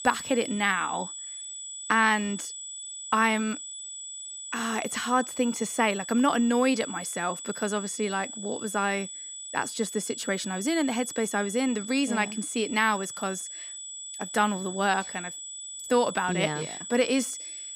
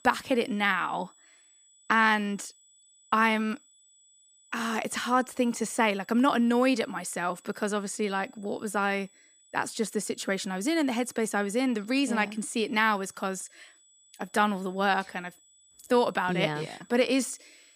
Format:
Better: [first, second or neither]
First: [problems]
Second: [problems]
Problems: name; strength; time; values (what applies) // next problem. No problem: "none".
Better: second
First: high-pitched whine; loud; throughout; 8 kHz, 9 dB below the speech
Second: high-pitched whine; faint; throughout; 8 kHz, 30 dB below the speech